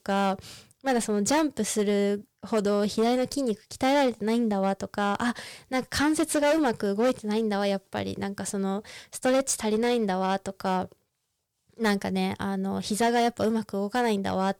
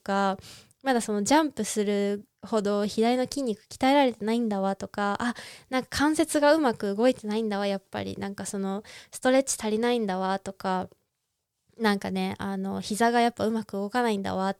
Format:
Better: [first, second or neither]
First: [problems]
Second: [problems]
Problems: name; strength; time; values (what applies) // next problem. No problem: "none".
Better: second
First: distortion; slight; 7% of the sound clipped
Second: none